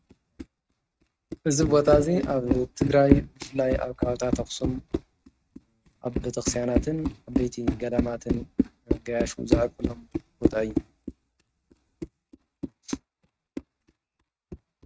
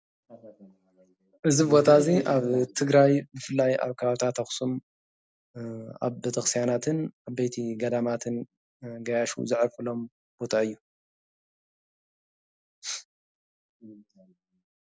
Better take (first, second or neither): second